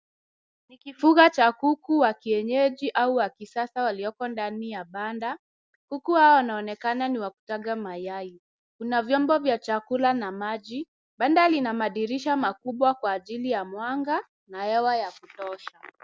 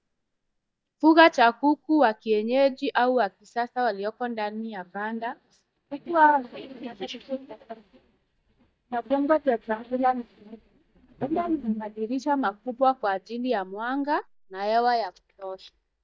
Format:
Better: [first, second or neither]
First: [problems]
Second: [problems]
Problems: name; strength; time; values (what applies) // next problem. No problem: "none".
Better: first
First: none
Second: noise reduction (neural mask model DeepFilterNet 3)